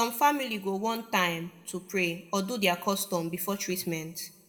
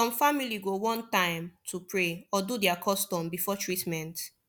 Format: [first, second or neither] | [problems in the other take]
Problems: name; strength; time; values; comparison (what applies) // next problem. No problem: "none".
second | room echo; dies away in 1.1 s